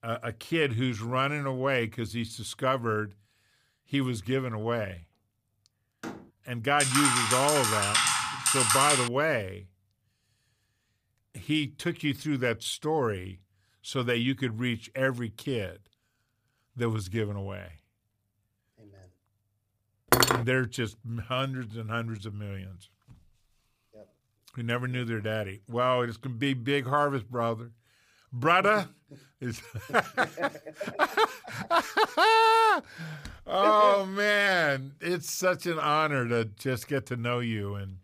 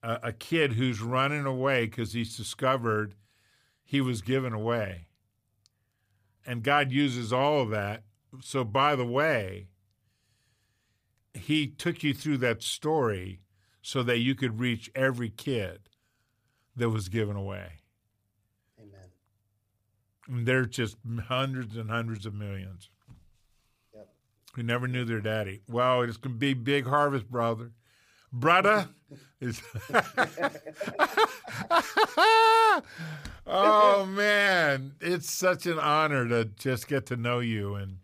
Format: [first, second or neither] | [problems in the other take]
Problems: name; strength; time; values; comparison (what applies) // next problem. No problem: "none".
second | door banging; faint; at 6 s; peak 15 dB below the speech // keyboard typing; loud; from 7 to 9 s; peak 6 dB above the speech // clattering dishes; loud; at 20 s; peak 6 dB above the speech